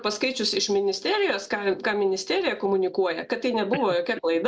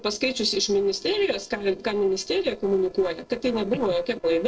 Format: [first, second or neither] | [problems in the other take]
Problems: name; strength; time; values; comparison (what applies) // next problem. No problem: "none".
first | noise reduction (neural separator model SepFormer DNS4)